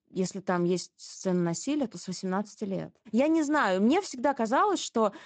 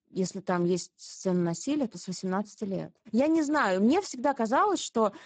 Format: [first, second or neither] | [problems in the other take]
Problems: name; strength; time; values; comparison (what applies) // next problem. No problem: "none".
first | garbled, watery; badly; nothing above 7.5 kHz; slightly in the first